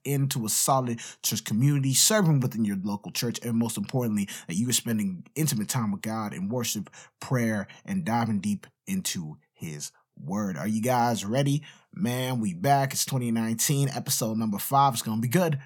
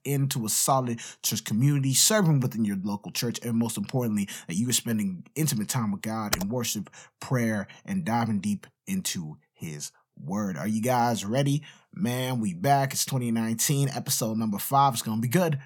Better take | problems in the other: first | keyboard typing; noticeable; at 6.5 s; peak 4 dB below the speech

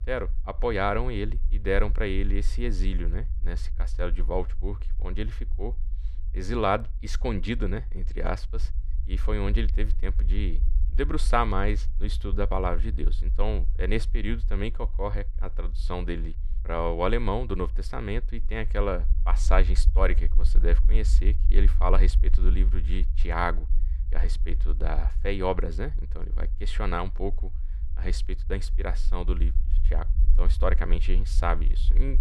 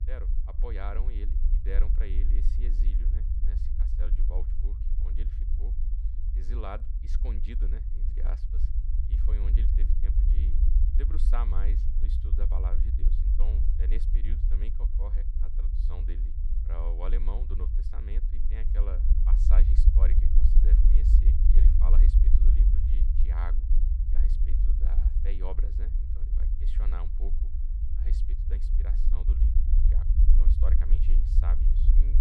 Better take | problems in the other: first | low rumble; loud; throughout; 2 dB below the speech; faint in the first

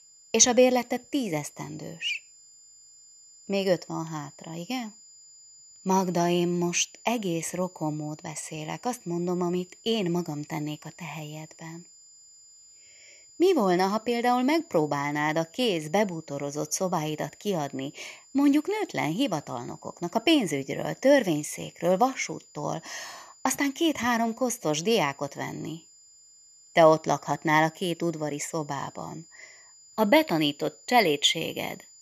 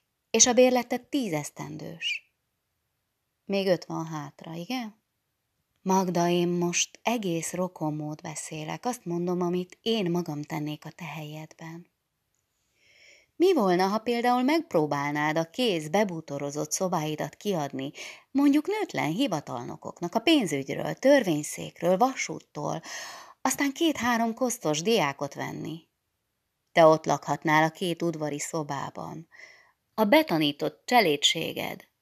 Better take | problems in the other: second | high-pitched whine; faint; throughout; 7 kHz, 25 dB below the speech

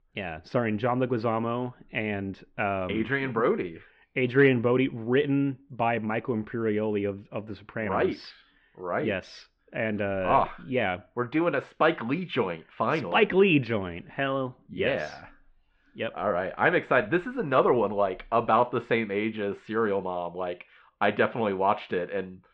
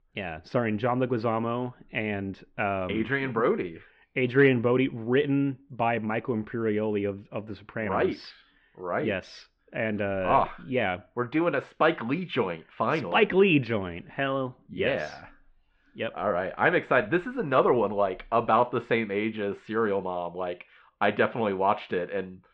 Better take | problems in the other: neither | muffled; very; fading above 3 kHz; the same in both

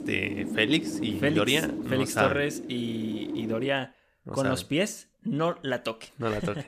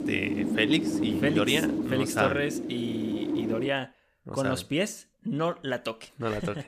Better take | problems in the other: first | wind noise on the microphone; heavy; until 3.5 s; 5 dB below the speech; occasional gusts in the first

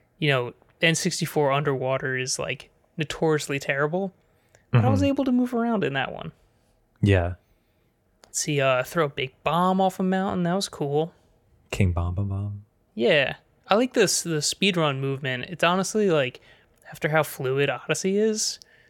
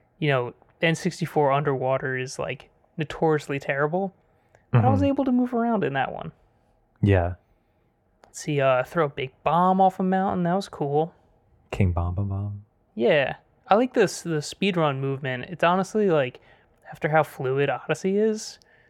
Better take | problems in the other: first | muffled; slightly; fading above 3 kHz

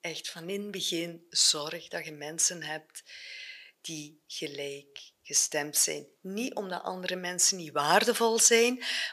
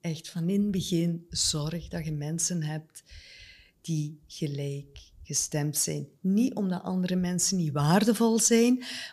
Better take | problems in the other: second | thin; very; fading below 550 Hz

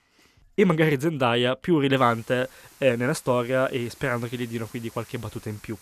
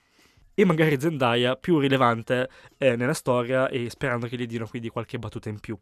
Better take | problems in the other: second | hiss; faint; from 2 s on; 25 dB below the speech

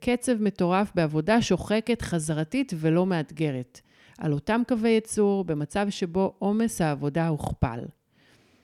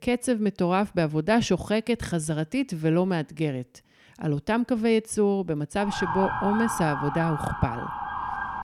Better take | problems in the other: first | siren; noticeable; from 6 s on; peak 2 dB below the speech

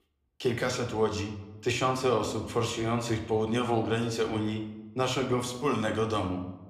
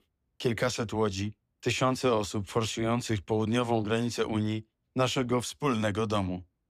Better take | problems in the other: second | room echo; slight; dies away in 0.7 s

